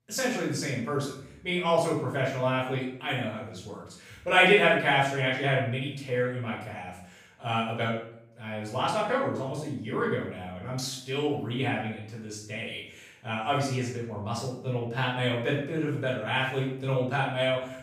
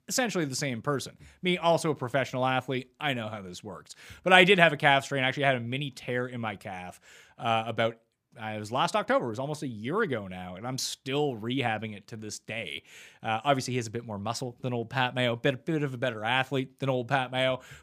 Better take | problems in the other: second | off-mic speech; far // room echo; noticeable; dies away in 0.5 s

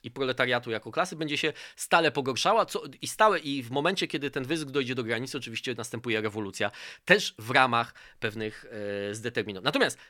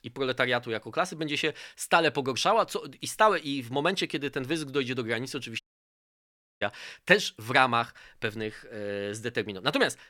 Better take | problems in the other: first | audio cutting out; at 5.5 s for 1 s

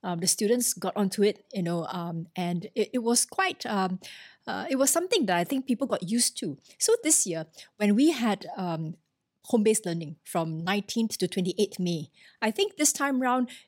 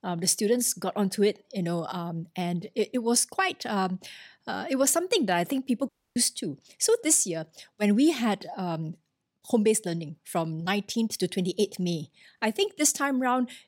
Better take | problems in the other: first | audio cutting out; at 6 s

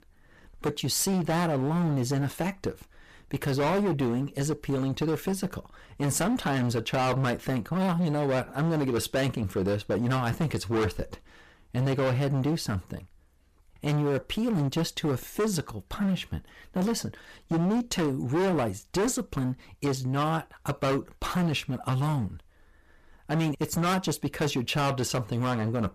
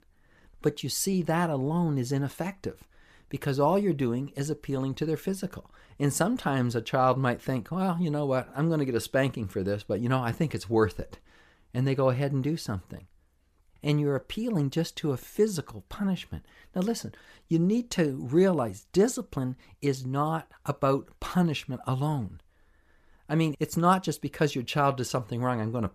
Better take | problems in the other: second | distortion; heavy; 17% of the sound clipped

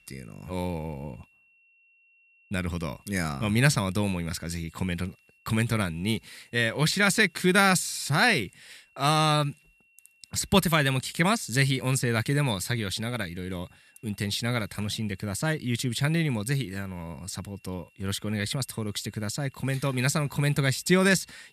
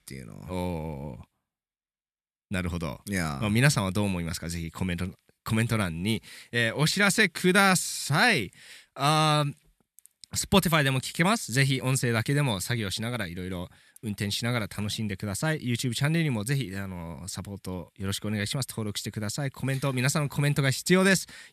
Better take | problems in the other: second | high-pitched whine; faint; throughout; 2.5 kHz, 35 dB below the speech

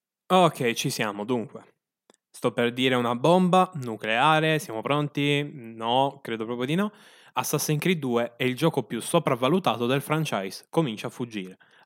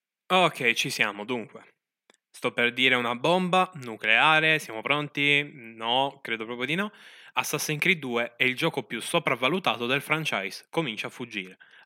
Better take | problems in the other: first | thin; very slightly; fading below 300 Hz

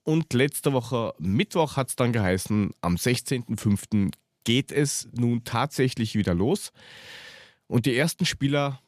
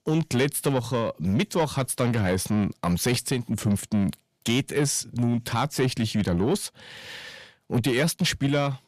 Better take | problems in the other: first | distortion; slight; 10 dB below the speech

